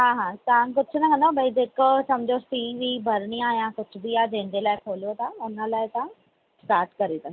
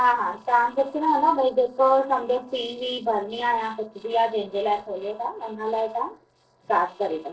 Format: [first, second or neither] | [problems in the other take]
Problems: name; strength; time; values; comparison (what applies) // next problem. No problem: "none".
first | noise reduction (neural separator model SepFormer DNS4)